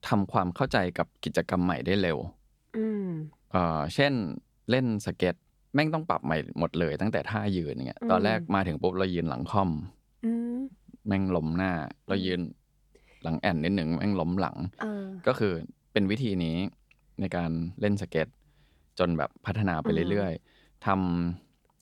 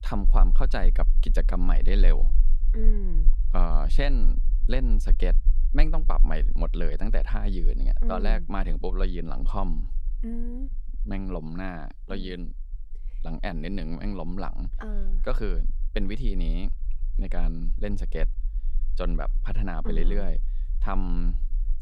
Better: first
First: none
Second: low rumble; faint; throughout; 20 dB below the speech

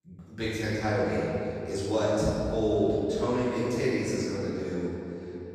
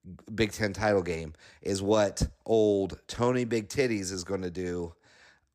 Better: second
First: room echo; strong; dies away in 2.7 s // off-mic speech; far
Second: none

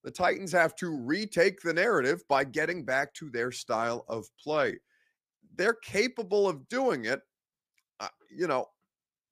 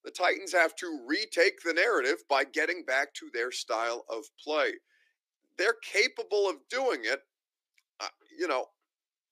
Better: first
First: none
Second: thin; somewhat; fading below 300 Hz

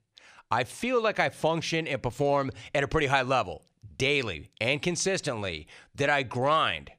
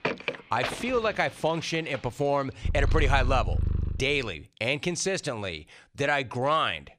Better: first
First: none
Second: animal sounds; loud; until 4 s; 3 dB below the speech

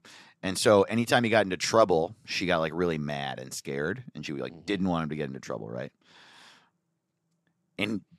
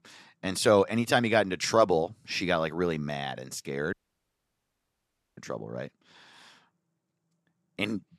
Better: first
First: none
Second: audio cutting out; at 4 s for 1.5 s

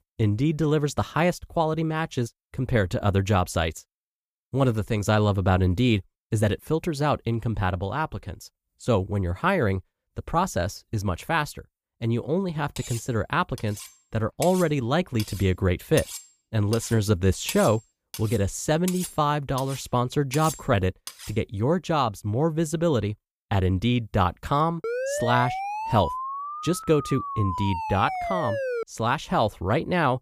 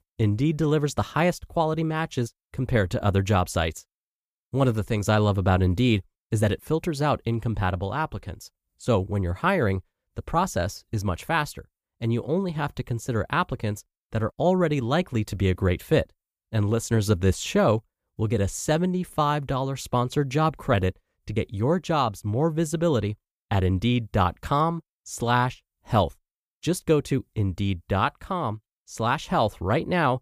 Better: second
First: clattering dishes; noticeable; from 13 to 21 s; peak 8 dB below the speech // siren; noticeable; from 25 to 29 s; peak 3 dB below the speech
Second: none

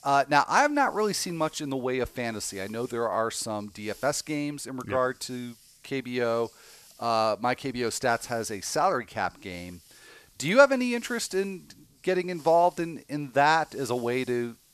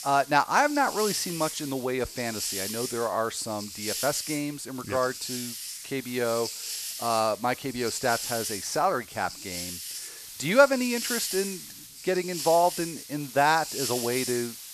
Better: first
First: hiss; faint; throughout; 25 dB below the speech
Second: hiss; loud; throughout; 7 dB below the speech

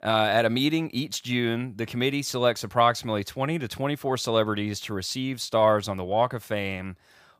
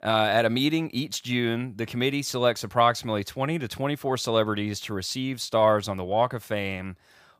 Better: neither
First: none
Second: none

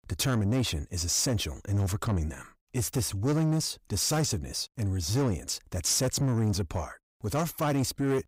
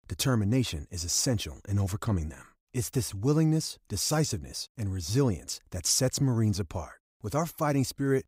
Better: second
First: distortion; slight; 10 dB below the speech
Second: none

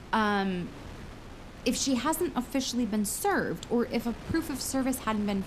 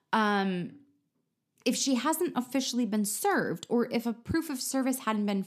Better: second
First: wind noise on the microphone; occasional gusts; 15 dB below the speech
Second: none

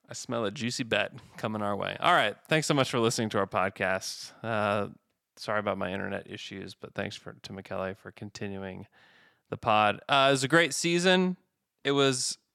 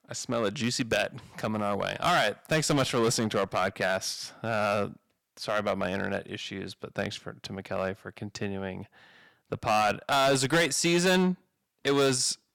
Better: first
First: none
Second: distortion; heavy; 6% of the sound clipped

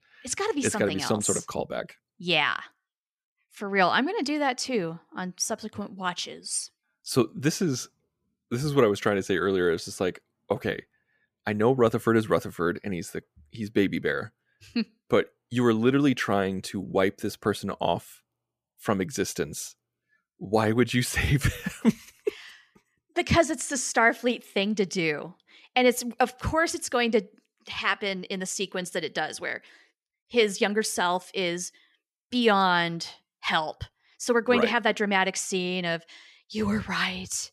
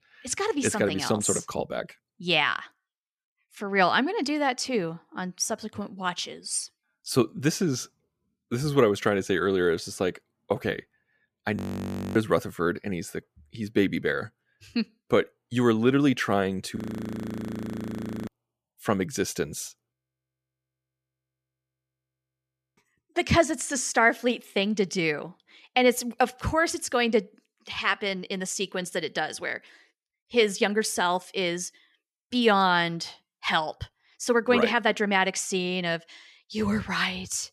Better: first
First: none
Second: audio freezing; at 12 s for 0.5 s, at 17 s for 1.5 s and at 20 s for 3 s

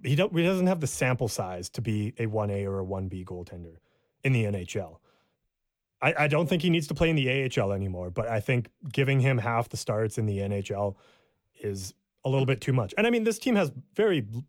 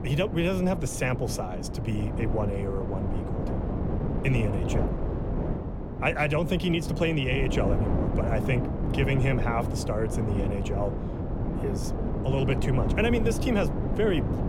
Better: first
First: none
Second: wind noise on the microphone; heavy; 5 dB below the speech

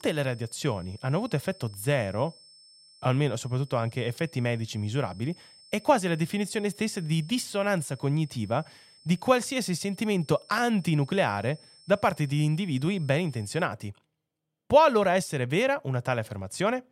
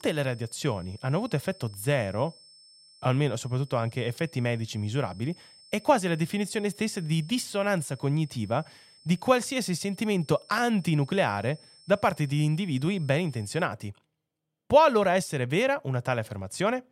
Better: neither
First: high-pitched whine; faint; until 14 s; 5.5 kHz, 25 dB below the speech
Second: high-pitched whine; faint; until 14 s; 5.5 kHz, 25 dB below the speech

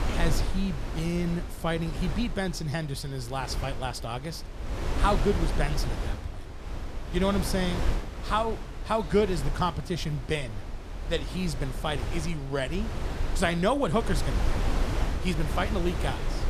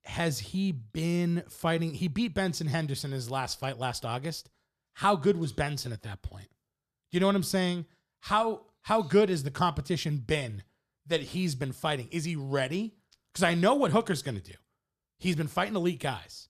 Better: second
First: wind noise on the microphone; heavy; 8 dB below the speech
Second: none

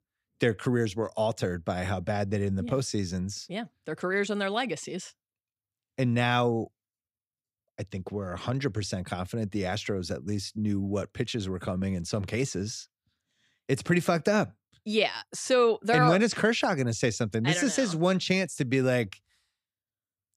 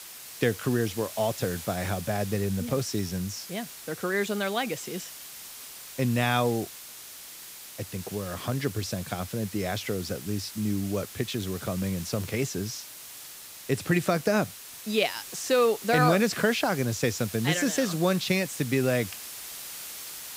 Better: first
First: none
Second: hiss; noticeable; throughout; 10 dB below the speech

